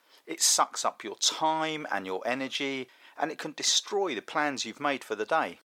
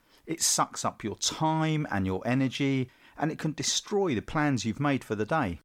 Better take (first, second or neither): second